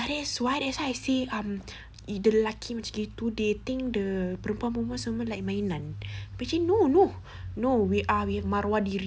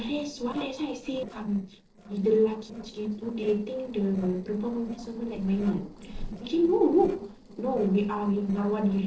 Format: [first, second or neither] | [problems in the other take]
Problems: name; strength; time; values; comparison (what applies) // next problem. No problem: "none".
first | noise reduction (neural separator model SepFormer DNS4)